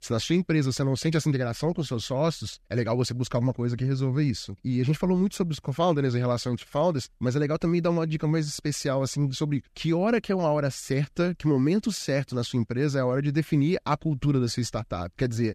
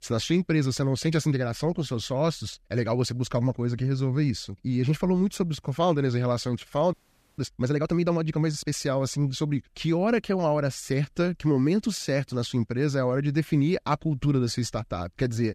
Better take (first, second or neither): first